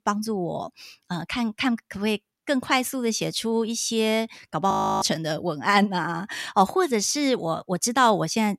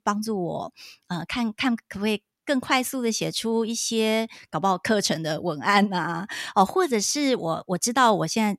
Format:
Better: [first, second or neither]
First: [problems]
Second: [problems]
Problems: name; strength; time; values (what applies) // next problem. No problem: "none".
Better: second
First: audio freezing; at 4.5 s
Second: none